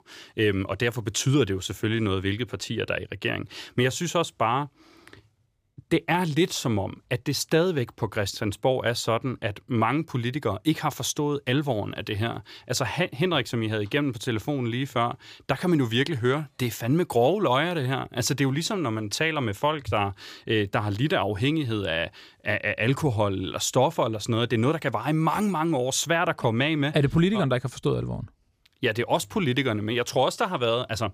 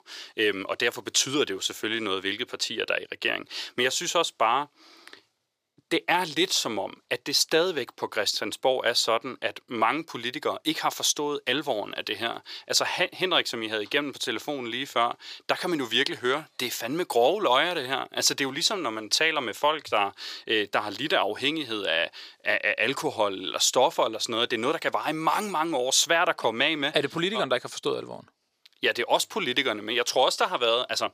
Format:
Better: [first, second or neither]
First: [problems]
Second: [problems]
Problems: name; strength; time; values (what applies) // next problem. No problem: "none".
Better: first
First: none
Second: thin; somewhat; fading below 450 Hz